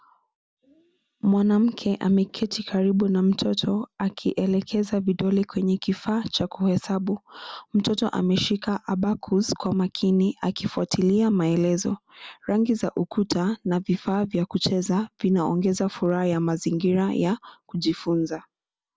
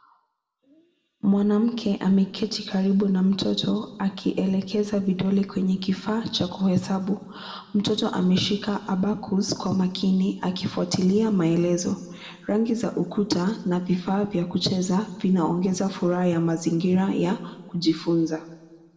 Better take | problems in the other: first | room echo; dies away in 1.2 s

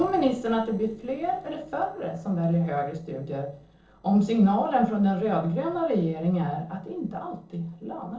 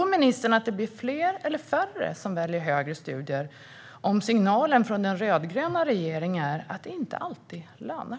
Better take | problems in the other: second | noise reduction (neural separator model SepFormer DNS4)

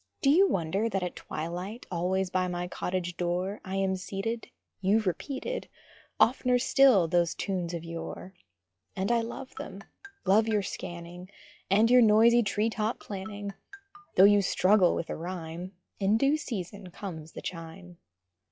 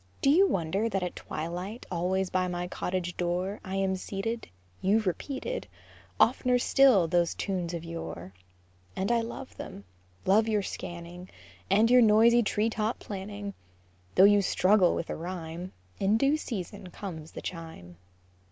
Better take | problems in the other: second | noise reduction (classical method log-MMSE)

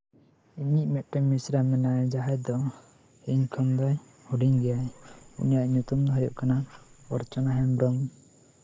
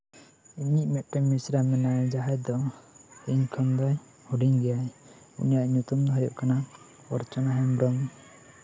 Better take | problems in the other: second | noise reduction (neural mask model Resemble Enhance denoiser)

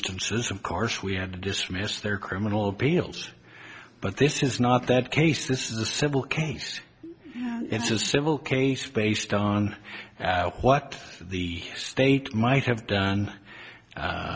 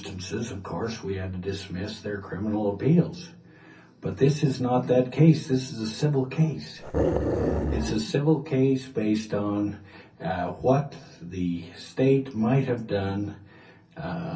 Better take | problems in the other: first | background sound (Growling); as loud as the speech // room echo; dies away in 0.3 s

